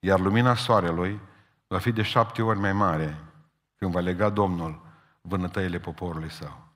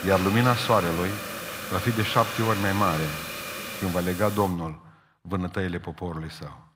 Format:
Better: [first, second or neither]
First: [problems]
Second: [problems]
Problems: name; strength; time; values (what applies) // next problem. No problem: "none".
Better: first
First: none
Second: hiss; loud; until 4.5 s; 6 dB below the speech